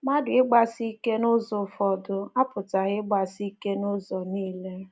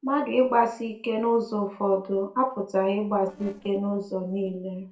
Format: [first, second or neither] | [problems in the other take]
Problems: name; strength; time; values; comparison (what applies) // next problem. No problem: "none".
first | noise reduction (neural separator model SepFormer DNS4)